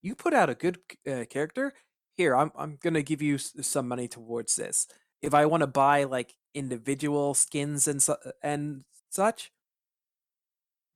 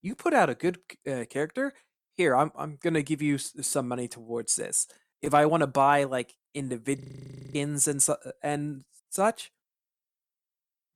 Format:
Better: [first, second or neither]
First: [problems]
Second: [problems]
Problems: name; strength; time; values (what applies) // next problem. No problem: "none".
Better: first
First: none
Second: audio freezing; at 7 s for 0.5 s